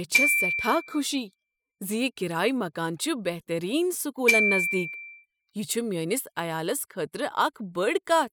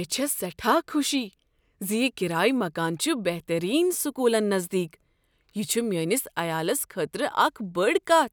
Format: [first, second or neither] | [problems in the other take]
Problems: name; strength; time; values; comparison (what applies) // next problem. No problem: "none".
second | noise reduction (classical method spectral subtraction)